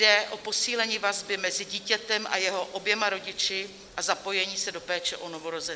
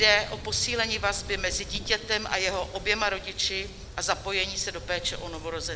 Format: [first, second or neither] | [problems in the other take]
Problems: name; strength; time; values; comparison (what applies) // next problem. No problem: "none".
first | background sound (Wind); 12 dB below the speech